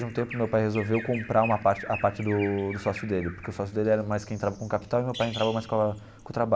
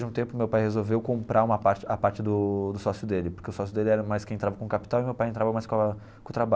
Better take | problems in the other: second | background sound (Bird vocalization, bird call, bird song); 15 dB below the speech

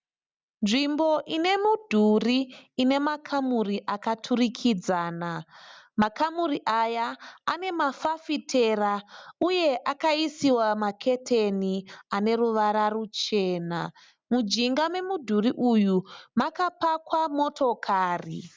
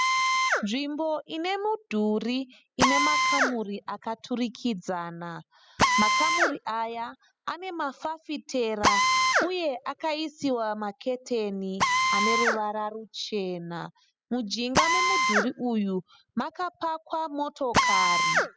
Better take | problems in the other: first | noise reduction (classical method spectral subtraction)

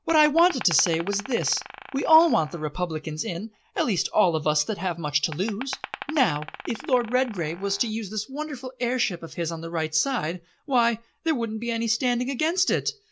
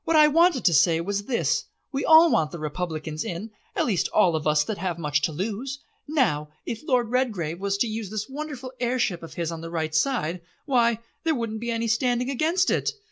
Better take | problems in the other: second | background sound (Glass); 15 dB below the speech

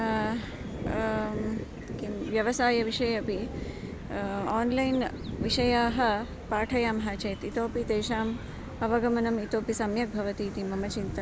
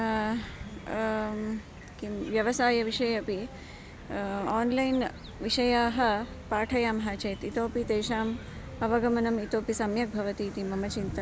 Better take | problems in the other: second | background sound (Thunder); 10 dB below the speech

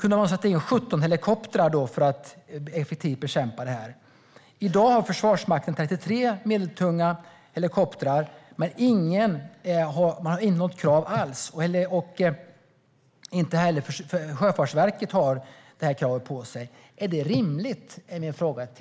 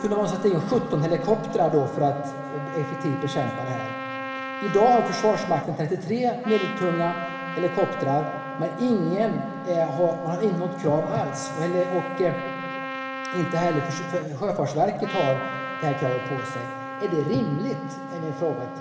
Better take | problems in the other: first | background sound (Trumpet); 9 dB below the speech // room echo; dies away in 1.8 s

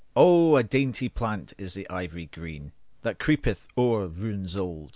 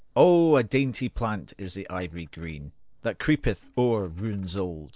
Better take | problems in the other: first | noise reduction (neural separator model SepFormer DNS4)

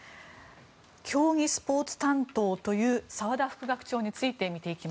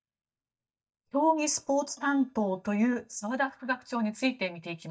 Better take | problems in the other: first | noise reduction (neural mask model DeepFilterNet 3)

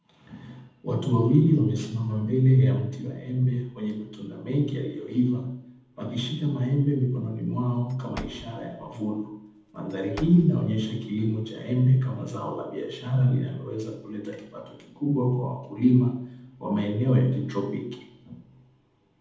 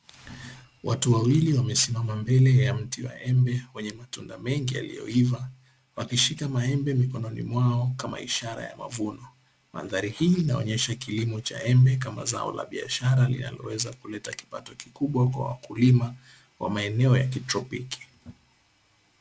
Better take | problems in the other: second | background sound (Slam / Wood); 19 dB below the speech // room echo; dies away in 0.8 s

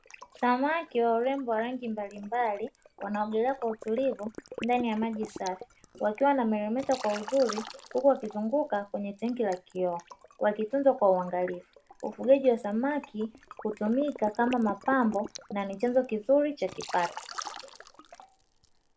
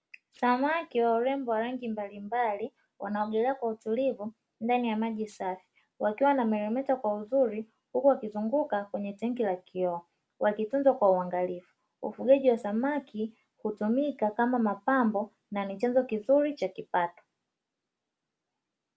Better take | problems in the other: second | background sound (Liquid); 17 dB below the speech

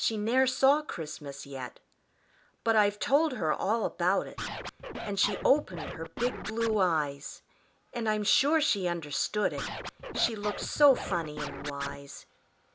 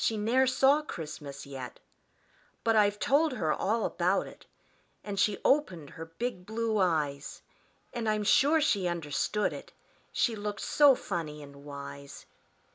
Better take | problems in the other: second | background sound (Scratching (performance technique)); 8 dB below the speech

